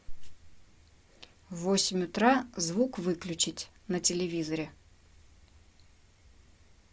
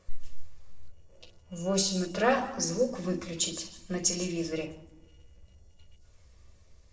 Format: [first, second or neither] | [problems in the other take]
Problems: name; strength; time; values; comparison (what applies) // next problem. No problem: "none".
first | noise reduction (neural separator model SepFormer DNS4)